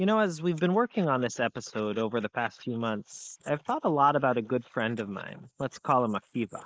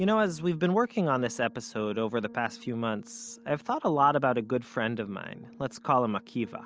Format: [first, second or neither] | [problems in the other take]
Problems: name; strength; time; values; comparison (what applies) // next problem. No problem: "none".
second | noise reduction (neural mask model Resemble Enhance denoiser)